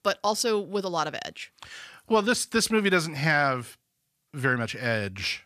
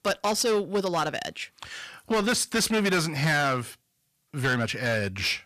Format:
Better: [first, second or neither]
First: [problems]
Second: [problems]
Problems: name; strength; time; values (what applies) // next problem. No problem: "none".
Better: first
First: none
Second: distortion; heavy; 11% of the sound clipped